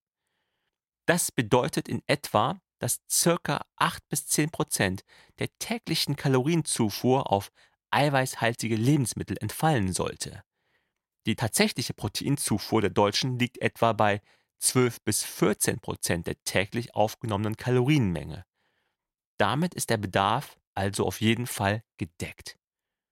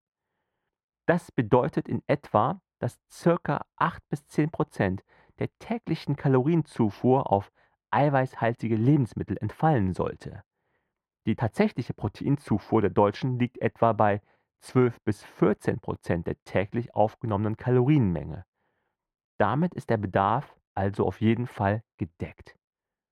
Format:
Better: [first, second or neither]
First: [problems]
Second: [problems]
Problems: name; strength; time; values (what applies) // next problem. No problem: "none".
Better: first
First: none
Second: muffled; very; fading above 3 kHz